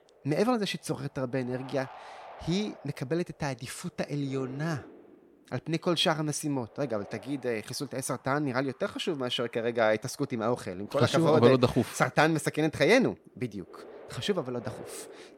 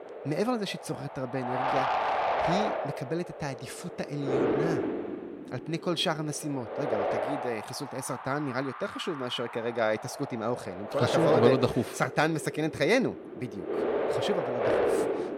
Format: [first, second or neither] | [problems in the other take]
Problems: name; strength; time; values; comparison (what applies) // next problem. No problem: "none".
first | wind noise on the microphone; heavy; 1 dB above the speech; occasional gusts in the first